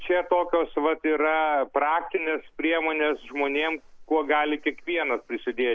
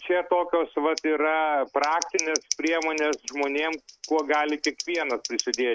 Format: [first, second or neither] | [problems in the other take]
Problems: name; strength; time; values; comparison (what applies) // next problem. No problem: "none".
first | noise reduction (neural mask model RNNoise)